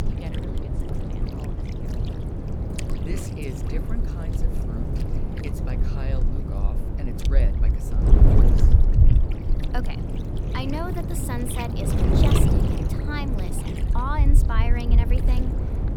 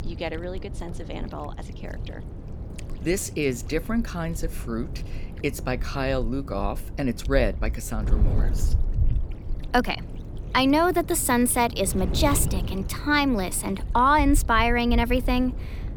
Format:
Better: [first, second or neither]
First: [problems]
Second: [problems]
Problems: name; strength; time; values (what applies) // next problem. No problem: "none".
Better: second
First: wind noise on the microphone; heavy; as loud as the speech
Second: wind noise on the microphone; occasional gusts; 20 dB below the speech